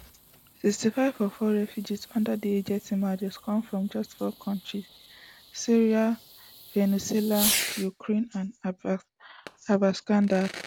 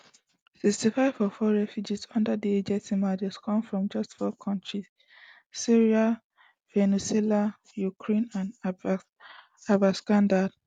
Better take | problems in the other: second | background sound (Fireworks); 11 dB below the speech

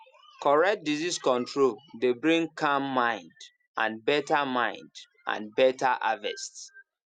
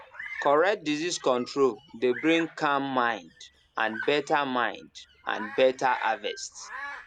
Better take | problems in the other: first | background sound (Bird vocalization, bird call, bird song); 15 dB below the speech

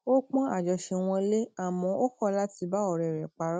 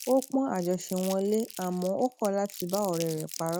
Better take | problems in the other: first | background sound (Crumpling, crinkling); 15 dB below the speech

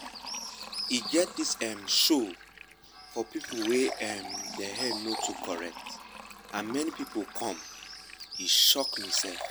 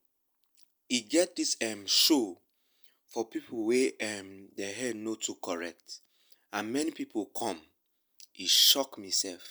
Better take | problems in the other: second | background sound (Fill (with liquid) + Bird); 8 dB below the speech

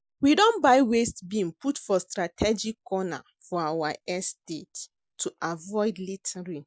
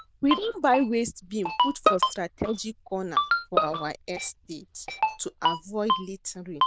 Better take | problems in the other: first | noise reduction (neural diffusion model UNIVERSE++)

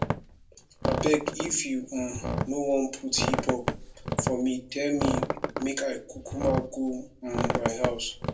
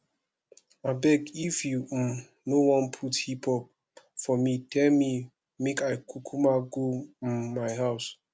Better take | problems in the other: second | background sound (Squeak); 1 dB below the speech // room echo; dies away in 0.2 s

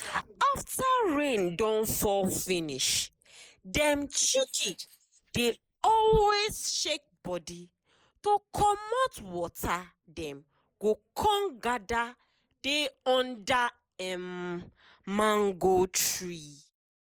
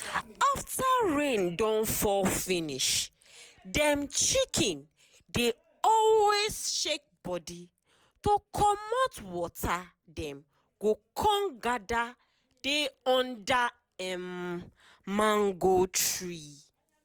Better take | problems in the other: second | noise reduction (neural mask model Resemble Enhance denoiser)

